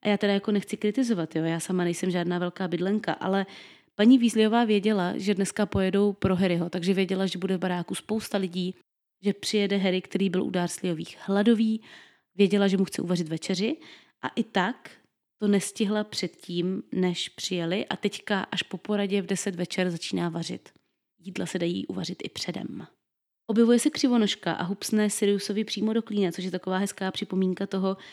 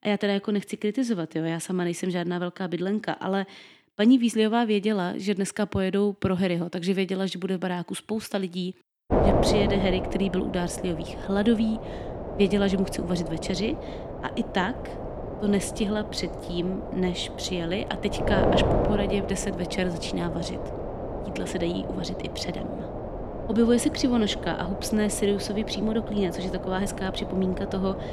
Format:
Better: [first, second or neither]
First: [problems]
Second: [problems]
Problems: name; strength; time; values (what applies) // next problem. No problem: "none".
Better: first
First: none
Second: wind noise on the microphone; heavy; from 9 s on; 3 dB below the speech